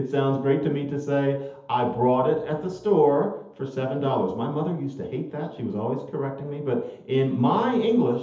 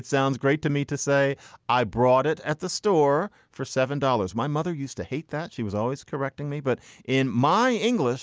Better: second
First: room echo; dies away in 0.8 s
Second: none

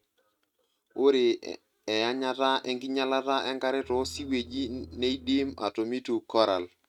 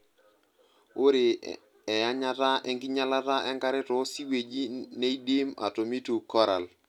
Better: second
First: noise reduction (neural mask model RNNoise)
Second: none

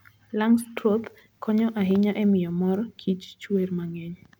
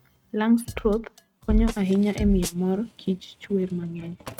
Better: first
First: none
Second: noise reduction (neural mask model RNNoise)

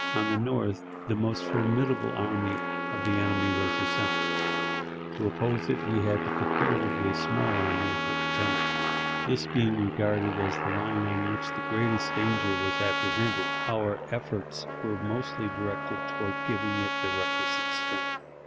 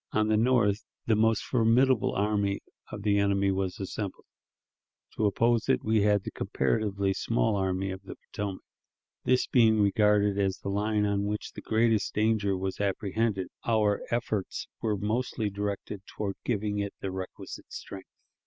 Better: second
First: background sound (Aircraft + Trumpet); as loud as the speech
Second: none

